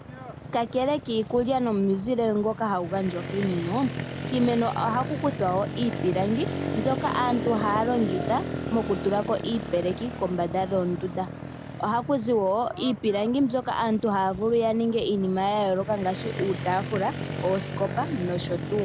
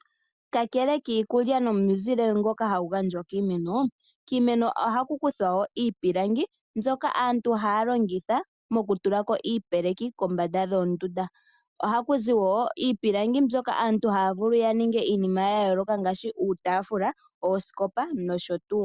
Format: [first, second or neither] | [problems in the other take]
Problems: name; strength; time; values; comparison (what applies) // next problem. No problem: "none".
second | background sound (Motorcycle); 7 dB below the speech